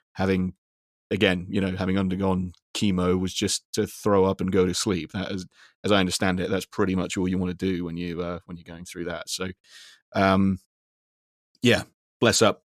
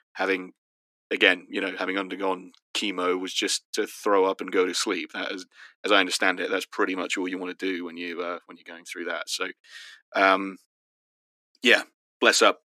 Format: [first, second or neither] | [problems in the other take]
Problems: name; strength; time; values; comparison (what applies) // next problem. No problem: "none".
first | thin; somewhat; fading below 250 Hz